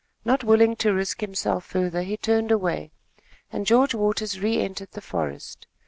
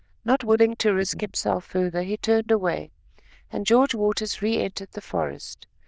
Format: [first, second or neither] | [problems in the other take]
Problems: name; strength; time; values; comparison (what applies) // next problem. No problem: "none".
first | noise reduction (neural diffusion model UNIVERSE++)